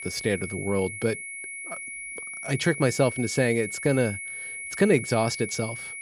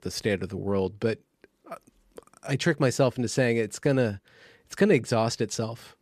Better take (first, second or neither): second